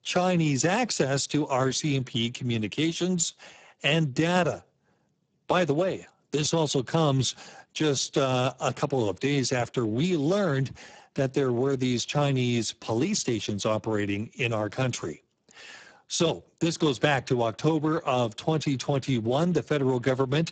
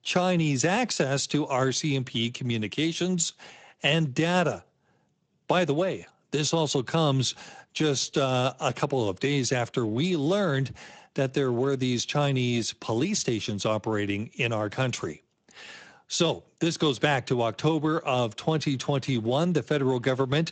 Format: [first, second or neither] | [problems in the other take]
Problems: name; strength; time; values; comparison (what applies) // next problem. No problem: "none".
second | garbled, watery; badly; nothing above 7.5 kHz; slightly in the second